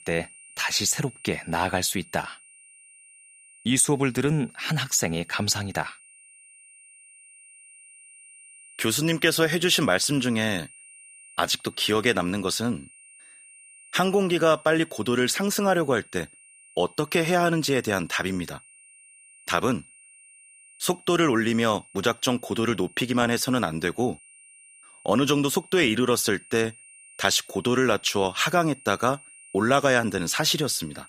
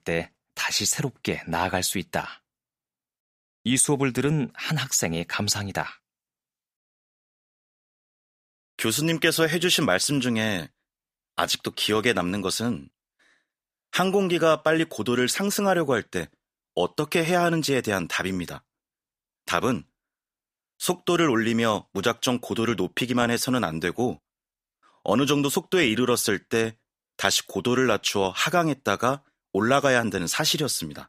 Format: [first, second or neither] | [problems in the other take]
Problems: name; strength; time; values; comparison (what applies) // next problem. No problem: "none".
second | high-pitched whine; faint; throughout; 9 kHz, 25 dB below the speech